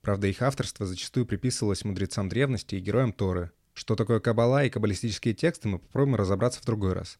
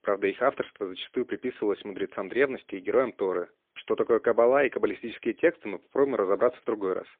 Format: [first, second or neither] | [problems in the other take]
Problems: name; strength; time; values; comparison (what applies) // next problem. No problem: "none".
first | phone-call audio; poor line; nothing above 3.5 kHz